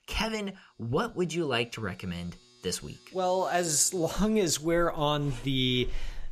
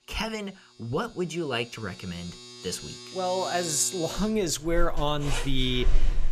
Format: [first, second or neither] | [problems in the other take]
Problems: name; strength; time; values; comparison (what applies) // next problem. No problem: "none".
first | household noises; loud; throughout; 6 dB below the speech; faint in the first